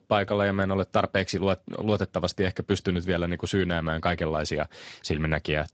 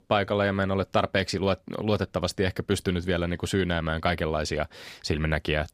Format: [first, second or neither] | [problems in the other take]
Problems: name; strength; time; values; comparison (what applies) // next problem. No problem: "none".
second | garbled, watery; slightly; nothing above 8 kHz